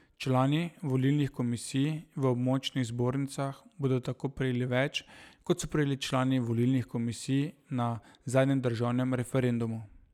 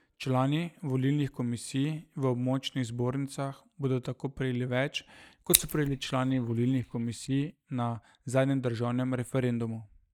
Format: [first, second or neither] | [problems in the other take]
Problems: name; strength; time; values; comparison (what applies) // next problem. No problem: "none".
first | noise reduction (neural mask model DeepFilterNet 3)